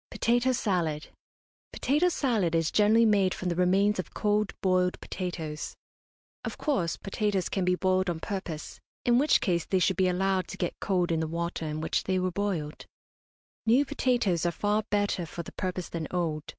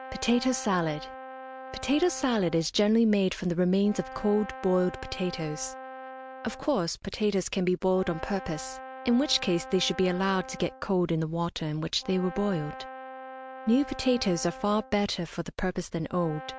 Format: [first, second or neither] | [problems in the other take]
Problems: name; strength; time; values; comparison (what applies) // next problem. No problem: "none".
first | background sound (Brass instrument); 15 dB below the speech